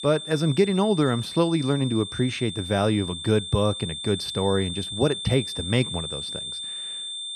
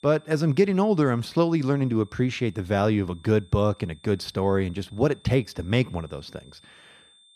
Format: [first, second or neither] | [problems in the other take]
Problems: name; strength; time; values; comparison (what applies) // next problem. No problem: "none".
second | high-pitched whine; loud; throughout; 3.5 kHz, 7 dB below the speech; faint in the second